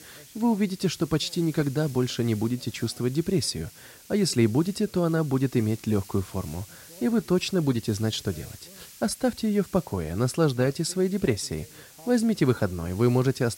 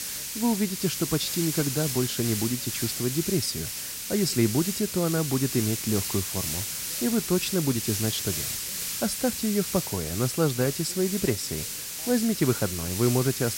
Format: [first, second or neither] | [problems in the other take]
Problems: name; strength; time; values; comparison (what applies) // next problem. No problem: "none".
first | hiss; loud; throughout; 3 dB below the speech; faint in the first